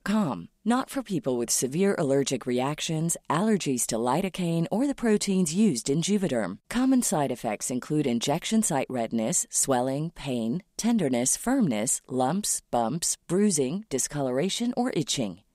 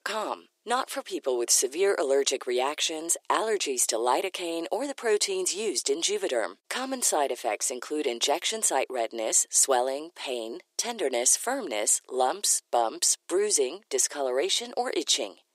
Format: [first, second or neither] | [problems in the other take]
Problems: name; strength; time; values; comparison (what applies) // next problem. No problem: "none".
first | thin; very; fading below 350 Hz